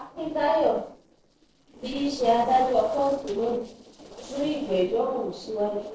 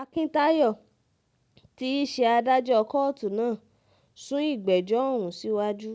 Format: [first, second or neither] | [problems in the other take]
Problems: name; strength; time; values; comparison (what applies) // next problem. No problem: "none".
second | noise reduction (neural separator model SepFormer DNS4)